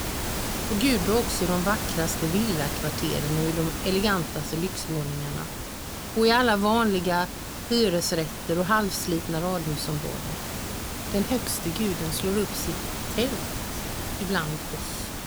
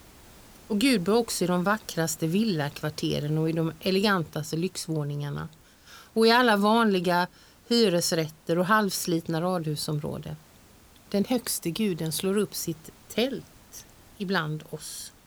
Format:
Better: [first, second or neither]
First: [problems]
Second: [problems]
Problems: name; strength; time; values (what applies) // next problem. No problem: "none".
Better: second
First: hiss; loud; throughout; 5 dB below the speech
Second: hiss; faint; throughout; 25 dB below the speech